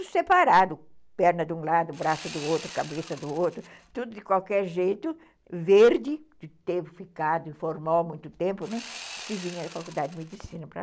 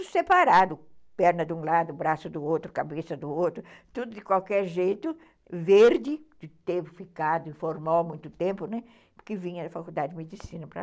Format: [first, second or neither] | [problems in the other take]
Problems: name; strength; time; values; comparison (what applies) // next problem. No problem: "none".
second | background sound (Sawing); 16 dB below the speech